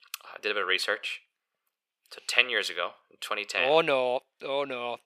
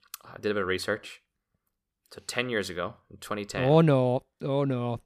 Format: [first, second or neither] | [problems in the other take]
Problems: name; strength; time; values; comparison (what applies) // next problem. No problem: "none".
second | thin; very; fading below 600 Hz